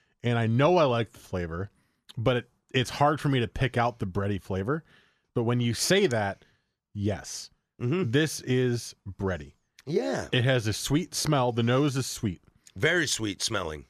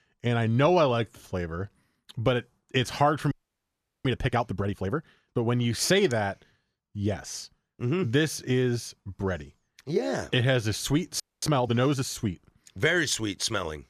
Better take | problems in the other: first | audio freezing; at 3.5 s for 0.5 s and at 11 s

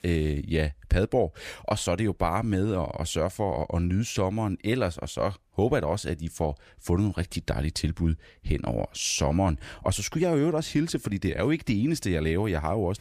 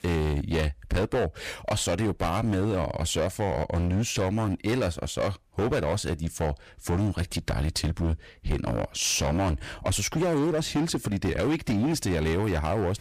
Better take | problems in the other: first | distortion; heavy; 18% of the sound clipped

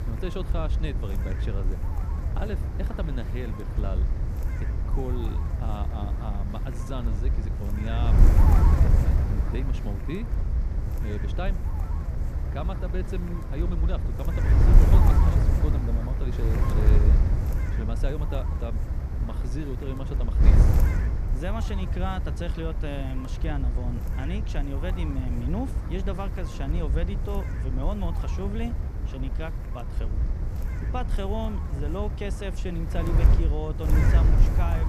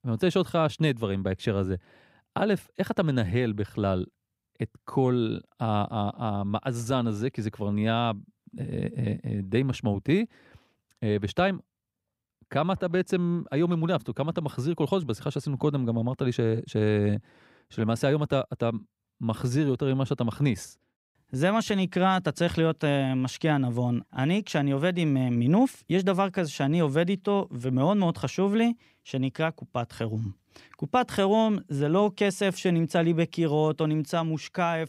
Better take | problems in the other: second | wind noise on the microphone; heavy; 1 dB below the speech

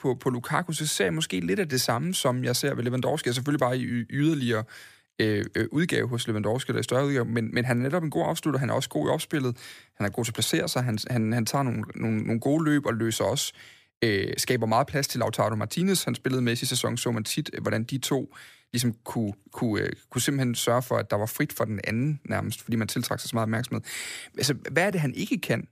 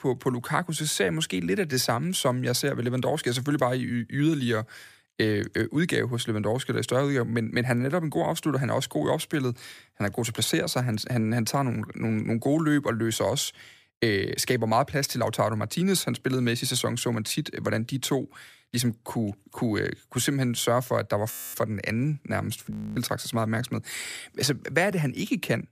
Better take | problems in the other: first | audio freezing; at 21 s and at 23 s

